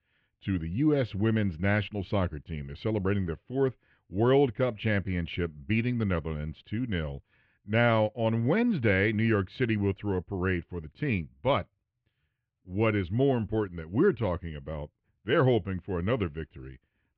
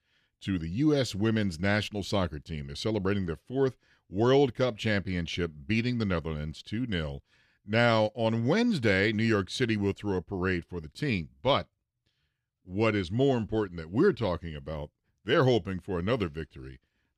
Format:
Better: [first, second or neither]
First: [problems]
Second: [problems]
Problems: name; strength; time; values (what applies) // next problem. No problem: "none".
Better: second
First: muffled; very; fading above 2.5 kHz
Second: none